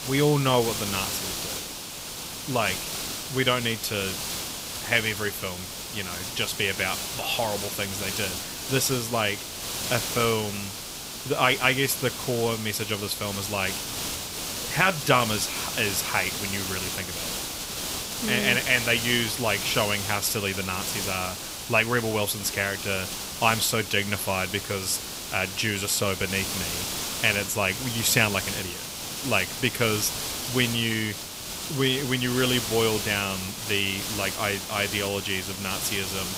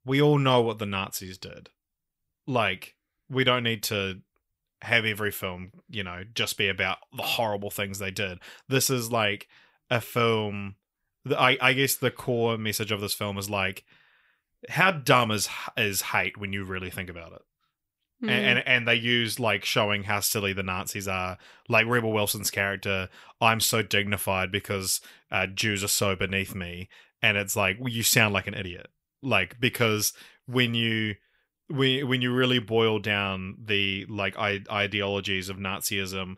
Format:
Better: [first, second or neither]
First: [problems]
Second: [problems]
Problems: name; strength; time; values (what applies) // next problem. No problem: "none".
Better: second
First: hiss; loud; throughout; 5 dB below the speech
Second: none